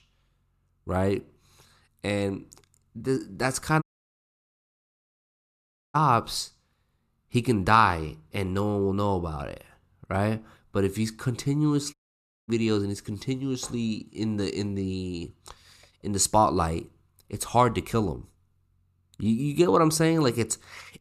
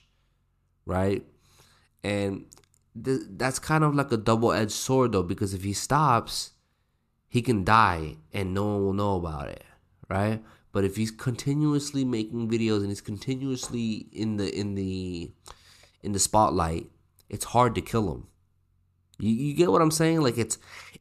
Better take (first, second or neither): second